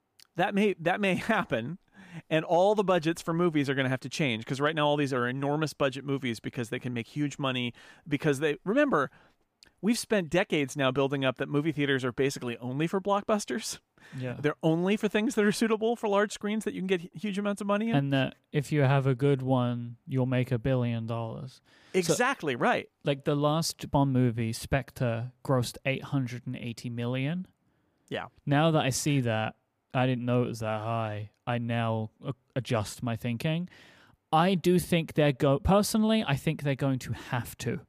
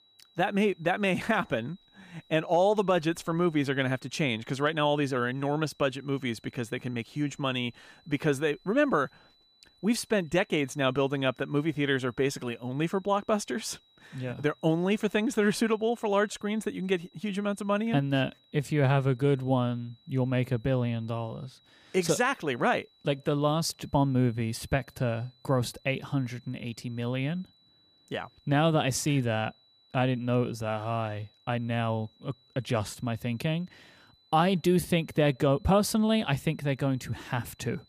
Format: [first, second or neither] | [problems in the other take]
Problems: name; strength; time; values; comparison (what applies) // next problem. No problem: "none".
first | high-pitched whine; faint; throughout; 4 kHz, 30 dB below the speech